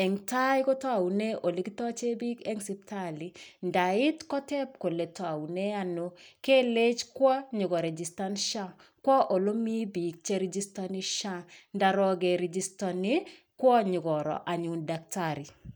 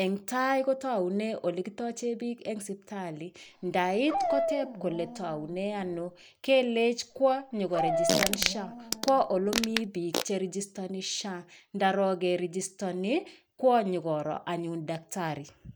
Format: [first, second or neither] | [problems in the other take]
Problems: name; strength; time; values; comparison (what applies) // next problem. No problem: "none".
first | background sound (Dog + Fart); 3 dB below the speech